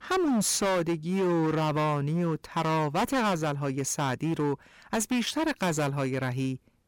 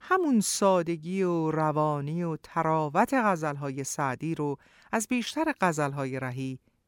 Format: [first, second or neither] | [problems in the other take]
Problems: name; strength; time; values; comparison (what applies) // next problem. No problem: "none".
second | distortion; heavy; 20% of the sound clipped